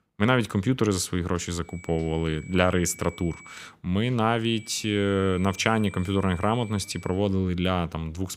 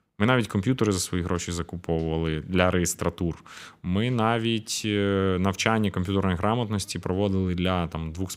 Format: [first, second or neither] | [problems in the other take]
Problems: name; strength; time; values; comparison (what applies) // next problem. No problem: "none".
second | high-pitched whine; faint; from 1.5 to 3.5 s and from 4.5 to 7 s; 2.5 kHz, 20 dB below the speech